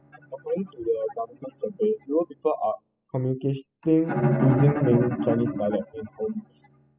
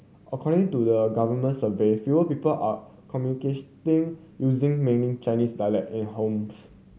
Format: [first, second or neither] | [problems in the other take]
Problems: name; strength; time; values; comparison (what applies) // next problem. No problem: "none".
second | noise reduction (classical method spectral subtraction)